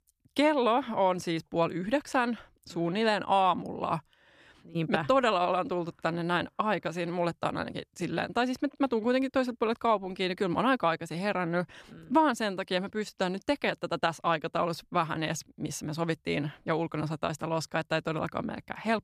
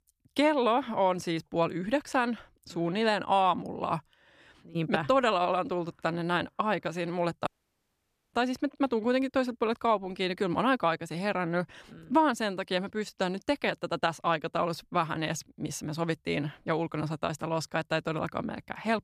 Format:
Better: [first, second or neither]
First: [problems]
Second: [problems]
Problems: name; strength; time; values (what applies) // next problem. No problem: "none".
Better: first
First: none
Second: audio cutting out; at 7.5 s for 1 s